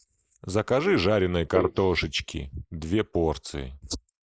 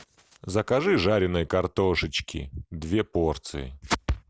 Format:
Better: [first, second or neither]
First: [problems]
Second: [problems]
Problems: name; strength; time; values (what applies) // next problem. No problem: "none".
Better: second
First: noise reduction (neural mask model Resemble Enhance denoiser)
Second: none